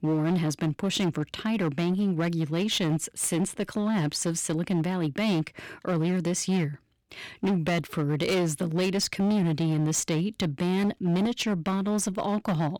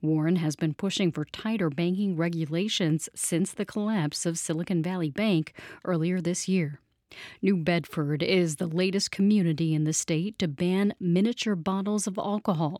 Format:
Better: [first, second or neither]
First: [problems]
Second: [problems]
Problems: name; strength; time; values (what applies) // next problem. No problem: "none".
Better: second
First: distortion; slight; 19% of the sound clipped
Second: none